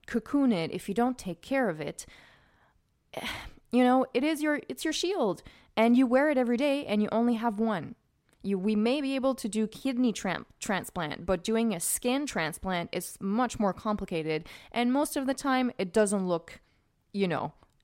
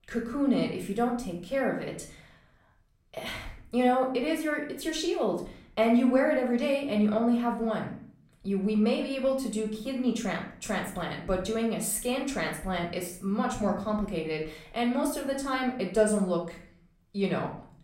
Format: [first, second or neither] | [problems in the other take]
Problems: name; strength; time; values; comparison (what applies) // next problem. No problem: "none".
first | room echo; slight; dies away in 0.5 s // off-mic speech; far